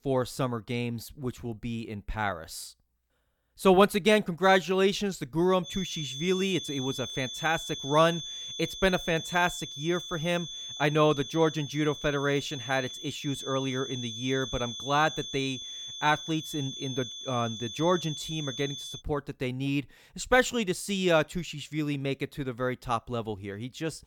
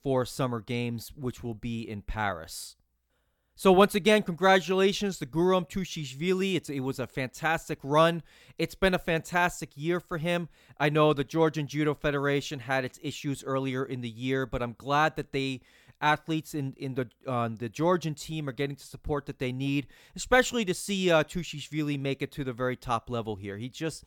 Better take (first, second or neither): second